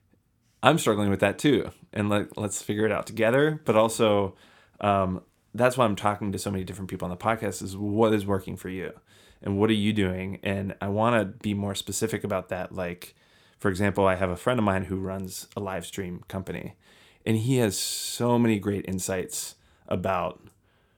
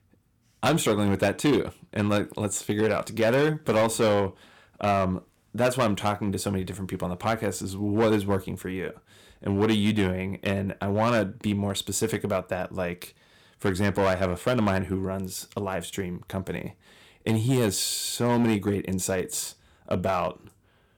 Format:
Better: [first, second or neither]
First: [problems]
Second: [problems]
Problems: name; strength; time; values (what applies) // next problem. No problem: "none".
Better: first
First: none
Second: distortion; slight; 5% of the sound clipped